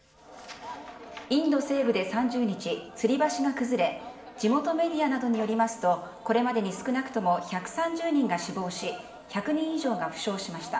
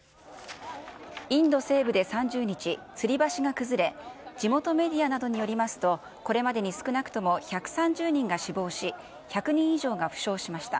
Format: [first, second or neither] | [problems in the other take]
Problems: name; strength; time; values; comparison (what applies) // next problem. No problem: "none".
second | room echo; dies away in 0.8 s